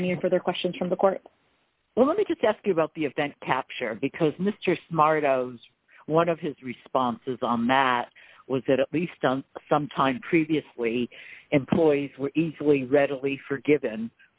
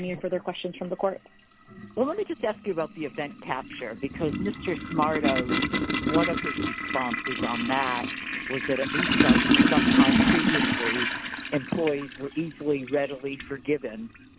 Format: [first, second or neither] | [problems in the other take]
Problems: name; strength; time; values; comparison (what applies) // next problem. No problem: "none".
first | background sound (Toilet flush); 3 dB above the speech